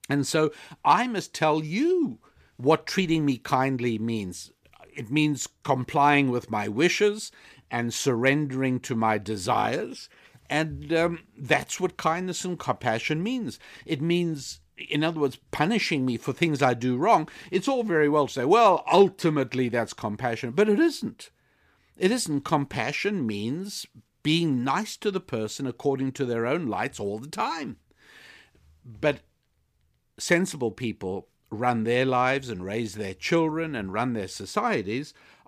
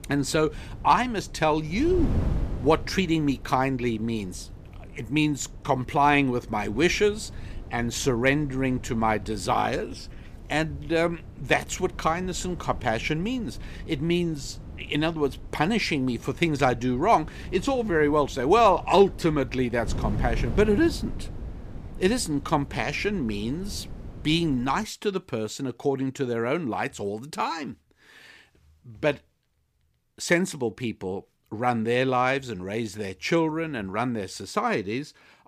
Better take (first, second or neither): first